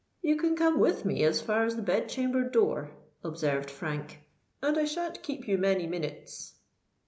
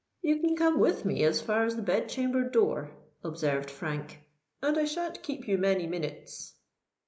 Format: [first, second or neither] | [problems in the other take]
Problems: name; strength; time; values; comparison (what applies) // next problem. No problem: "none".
first | noise reduction (neural mask model Resemble Enhance denoiser)